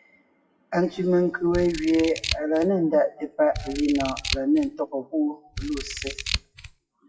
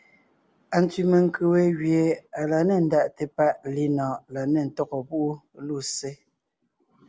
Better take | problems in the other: second | noise reduction (classical method WPE with log-MMSE)

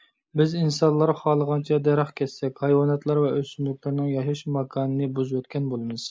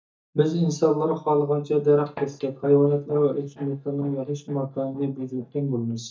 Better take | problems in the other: first | noise reduction (neural mask model DeepFilterNet 3)

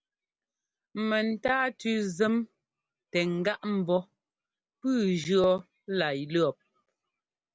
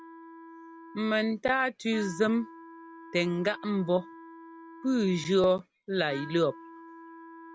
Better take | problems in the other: first | background sound (Wind instrument, woodwind instrument); 17 dB below the speech

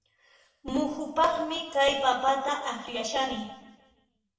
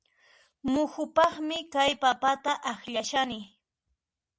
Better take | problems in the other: second | room echo; dies away in 1 s

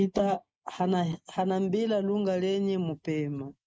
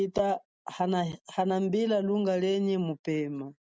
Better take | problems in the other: second | noise reduction (neural mask model Resemble Enhance denoiser)

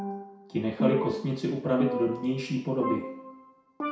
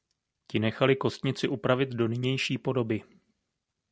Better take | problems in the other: second | background sound (Percussion); 4 dB below the speech // room echo; dies away in 0.6 s

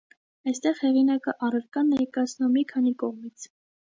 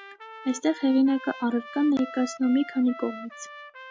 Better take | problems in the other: first | background sound (Trumpet); 16 dB below the speech

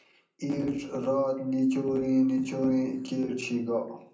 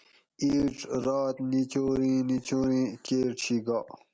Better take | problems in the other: second | room echo; dies away in 0.6 s

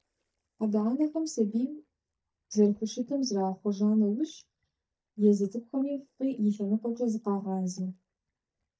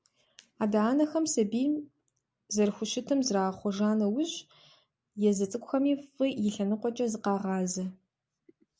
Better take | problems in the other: second | noise reduction (neural mask model DeepFilterNet 3)

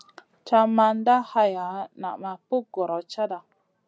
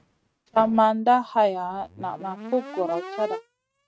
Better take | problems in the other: first | noise reduction (neural mask model RNNoise)

